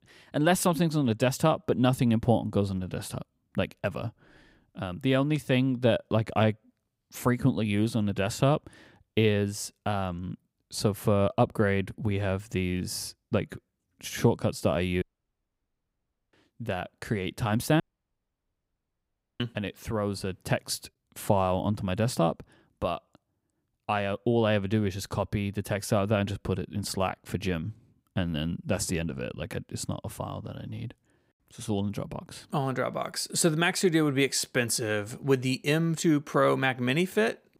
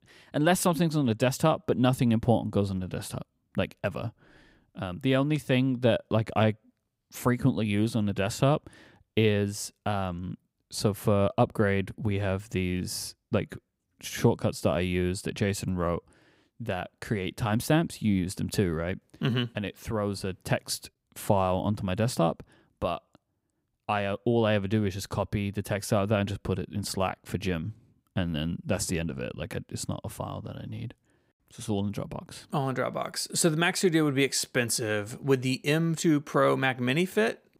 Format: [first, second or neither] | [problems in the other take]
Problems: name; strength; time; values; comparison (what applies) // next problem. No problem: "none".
second | audio cutting out; at 15 s for 1.5 s and at 18 s for 1.5 s